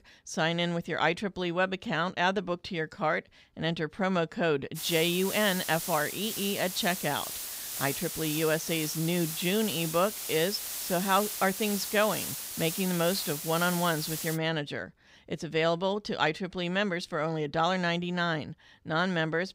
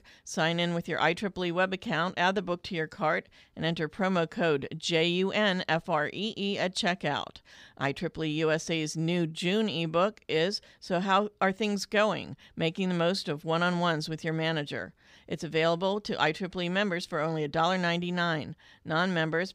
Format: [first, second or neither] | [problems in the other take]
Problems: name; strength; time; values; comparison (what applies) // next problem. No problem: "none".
second | hiss; loud; from 5 to 14 s; 5 dB below the speech